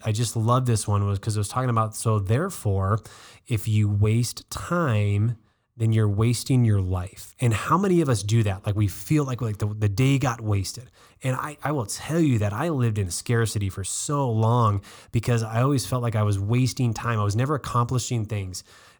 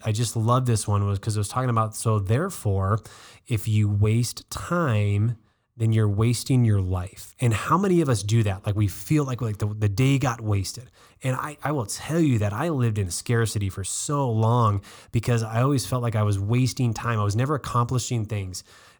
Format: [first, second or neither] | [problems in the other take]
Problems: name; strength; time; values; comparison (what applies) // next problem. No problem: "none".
neither | none